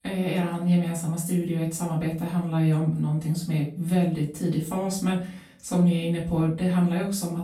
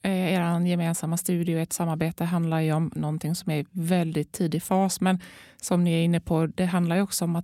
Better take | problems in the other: second | room echo; noticeable; dies away in 0.4 s // off-mic speech; far

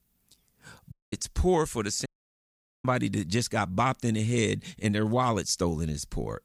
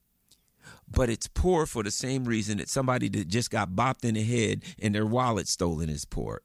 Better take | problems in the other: second | audio cutting out; at 1 s and at 2 s for 1 s

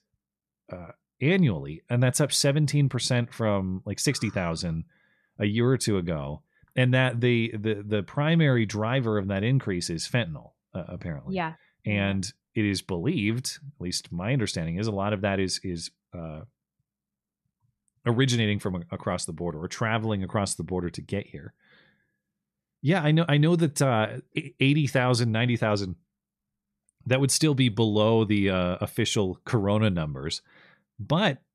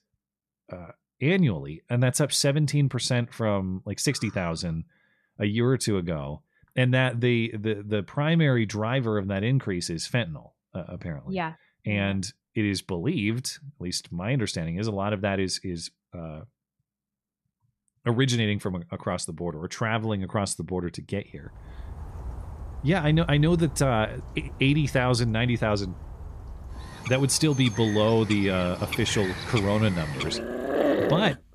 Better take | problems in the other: first | animal sounds; loud; from 22 s on; 8 dB below the speech

